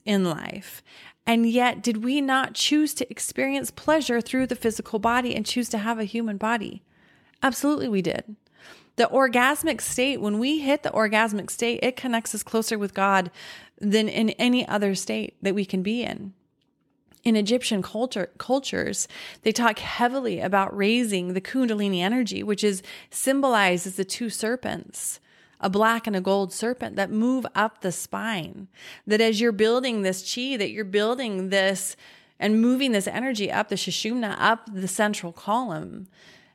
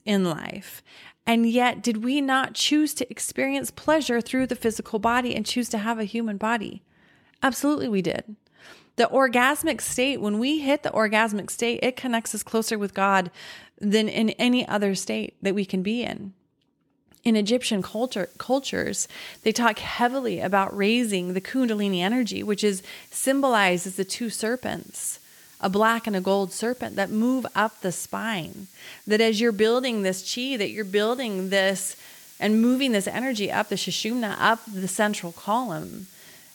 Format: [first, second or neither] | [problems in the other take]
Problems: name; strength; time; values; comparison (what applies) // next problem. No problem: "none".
first | hiss; faint; from 18 s on; 25 dB below the speech